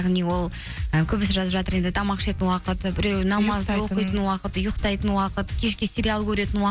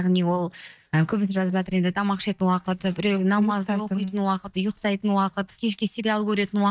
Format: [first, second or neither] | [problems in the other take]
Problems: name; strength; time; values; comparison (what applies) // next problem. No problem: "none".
first | noise reduction (neural mask model DeepFilterNet 3)